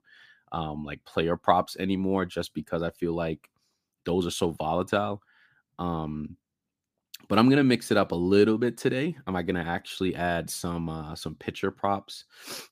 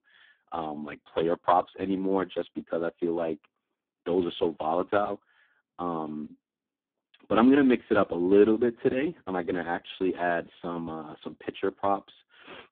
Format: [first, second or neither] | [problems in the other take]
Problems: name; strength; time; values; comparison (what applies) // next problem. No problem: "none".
first | phone-call audio; poor line